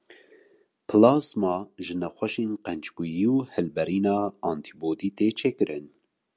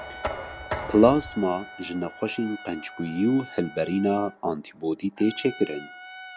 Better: first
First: none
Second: background sound (Trumpet + Knock); 13 dB below the speech

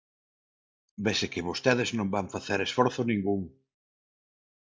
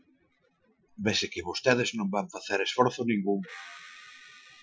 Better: first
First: none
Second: noise reduction (classical method Wiener filter)

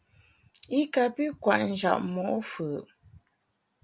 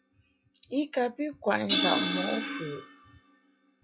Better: first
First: none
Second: noise reduction (classical method log-MMSE)

